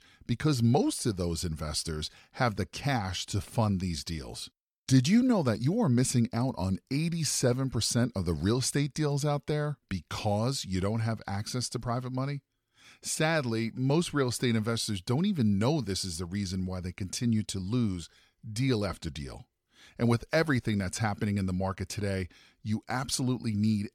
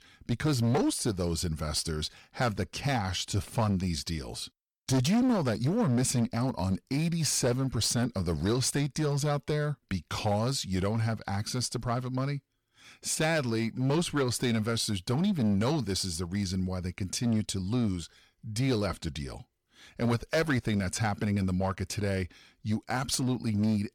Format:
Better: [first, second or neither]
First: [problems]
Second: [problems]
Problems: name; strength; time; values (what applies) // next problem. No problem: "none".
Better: first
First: none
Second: distortion; slight; 8% of the sound clipped